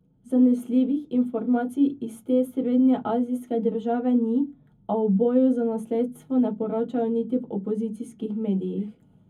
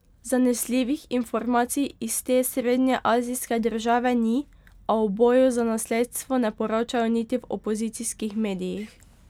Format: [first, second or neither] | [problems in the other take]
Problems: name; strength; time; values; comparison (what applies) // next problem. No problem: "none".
second | room echo; dies away in 0.3 s